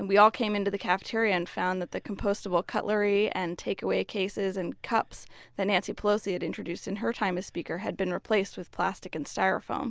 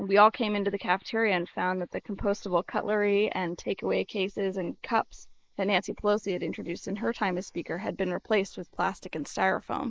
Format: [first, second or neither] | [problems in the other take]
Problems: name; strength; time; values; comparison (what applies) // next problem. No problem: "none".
first | noise reduction (neural mask model Resemble Enhance denoiser)